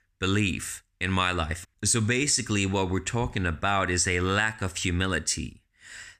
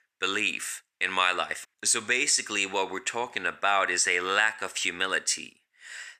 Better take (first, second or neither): first